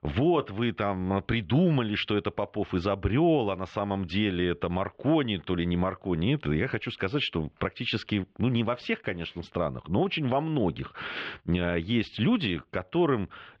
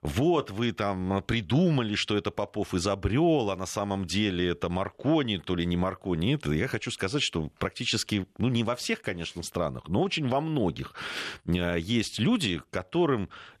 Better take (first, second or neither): second